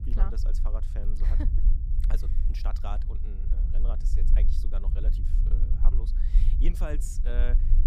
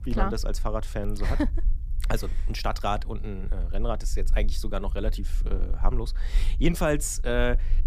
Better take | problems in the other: second | low rumble; loud; throughout; 6 dB below the speech; faint in the second

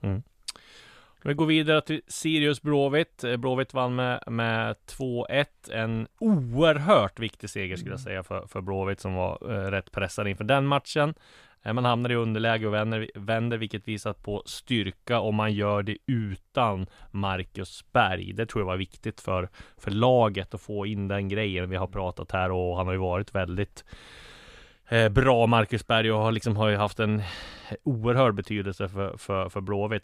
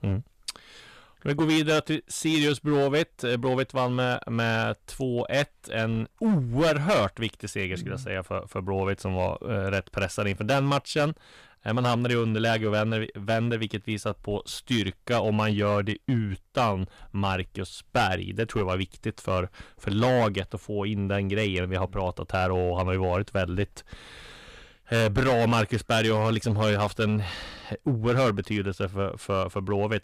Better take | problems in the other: first | distortion; slight; 6% of the sound clipped

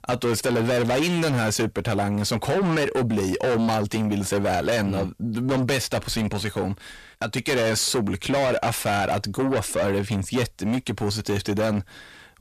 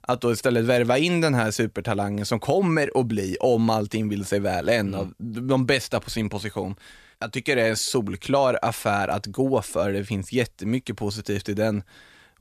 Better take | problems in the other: second | distortion; heavy; 6 dB below the speech

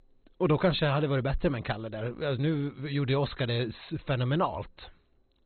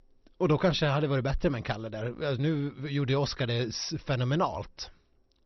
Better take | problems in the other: second | garbled, watery; badly; nothing above 4 kHz; slightly in the second

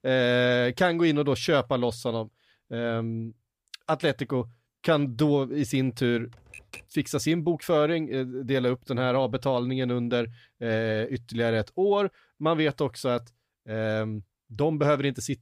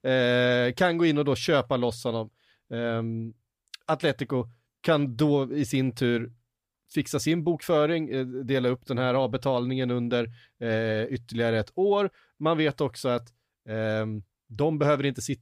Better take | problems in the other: second | keyboard typing; faint; at 6.5 s; peak 15 dB below the speech

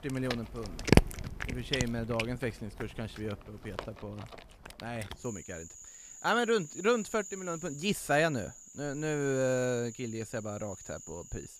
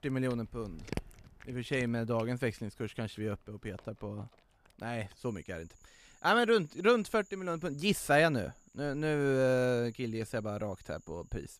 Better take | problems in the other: second | animal sounds; loud; throughout; 4 dB below the speech; faint in the second

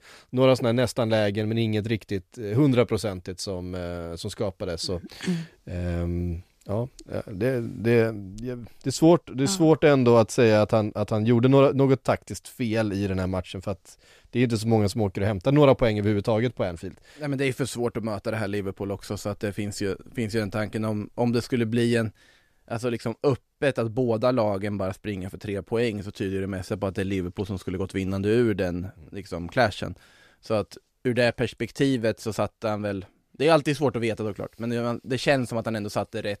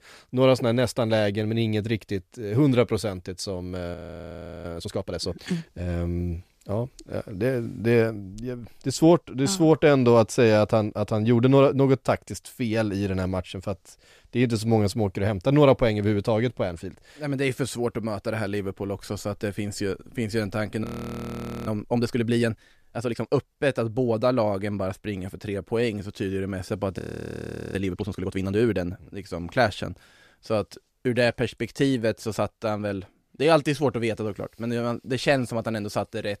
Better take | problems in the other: first | audio freezing; at 4 s for 0.5 s, at 21 s for 1 s and at 27 s for 1 s

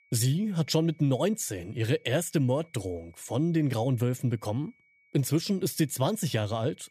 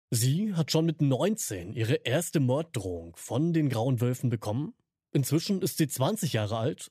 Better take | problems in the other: second | high-pitched whine; faint; throughout; 2.5 kHz, 35 dB below the speech

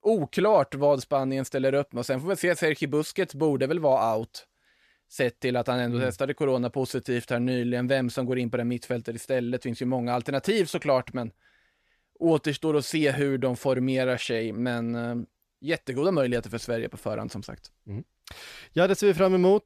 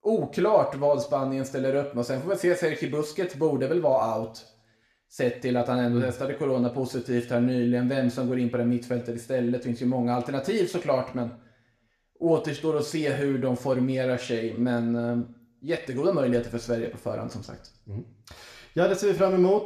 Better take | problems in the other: first | room echo; very slight; dies away in 0.5 s

